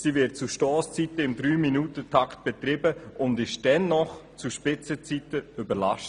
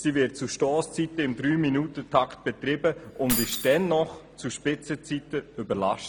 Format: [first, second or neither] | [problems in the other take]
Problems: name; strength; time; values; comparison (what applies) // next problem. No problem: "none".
first | background sound (Keys jangling); 7 dB below the speech